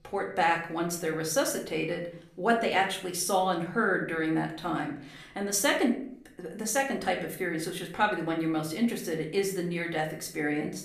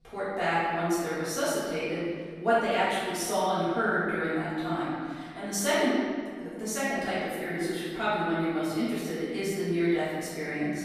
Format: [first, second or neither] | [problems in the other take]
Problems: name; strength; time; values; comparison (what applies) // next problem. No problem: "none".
first | room echo; strong; dies away in 1.7 s; slight in the first // off-mic speech; far; somewhat distant in the first